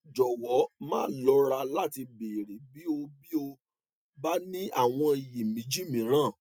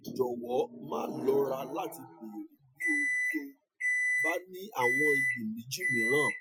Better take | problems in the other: first | noise reduction (classical method Wiener filter)

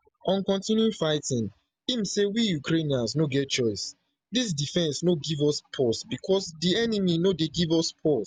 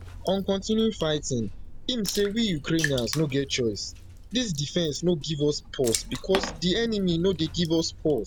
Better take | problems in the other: first | background sound (Water / Splash, splatter); 11 dB below the speech

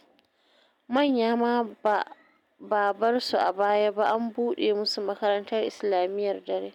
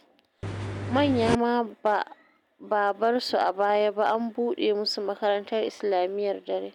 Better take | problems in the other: first | background sound (Engine); 5 dB below the speech

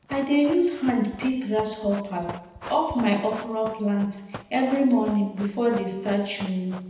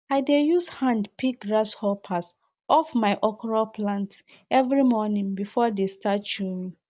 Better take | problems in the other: second | background sound (Run); 17 dB below the speech // room echo; dies away in 0.9 s

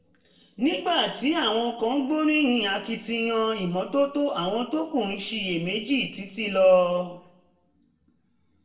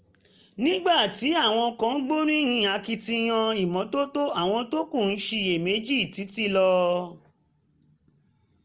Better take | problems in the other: second | room echo; dies away in 0.6 s

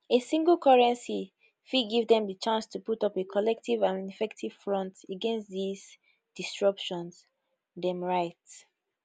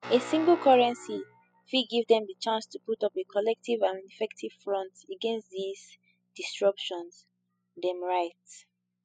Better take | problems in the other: first | noise reduction (classical method spectral subtraction)

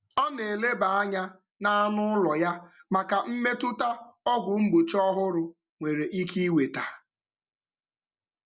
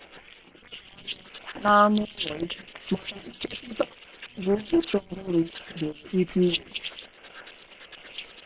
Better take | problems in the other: first | noise reduction (neural separator model SepFormer WHAM!)

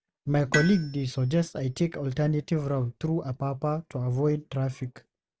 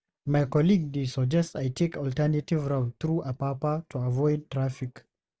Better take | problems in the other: second | background sound (Tools); 11 dB below the speech

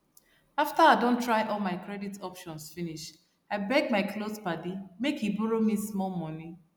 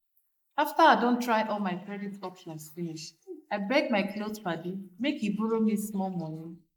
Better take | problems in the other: first | noise reduction (neural mask model Resemble Enhance denoiser)

